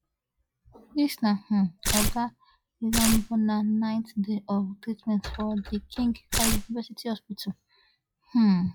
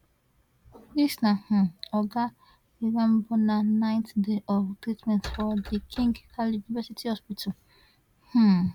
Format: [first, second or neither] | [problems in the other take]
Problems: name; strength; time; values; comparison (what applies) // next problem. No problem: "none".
second | noise reduction (classical method log-MMSE)